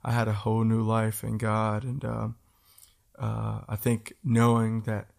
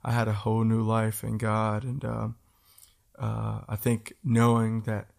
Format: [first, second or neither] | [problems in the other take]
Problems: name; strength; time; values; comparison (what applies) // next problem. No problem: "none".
neither | none